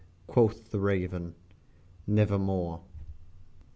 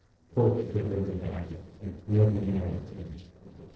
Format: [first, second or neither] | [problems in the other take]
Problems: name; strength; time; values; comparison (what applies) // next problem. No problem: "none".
first | noise reduction (neural separator model SepFormer DNS4)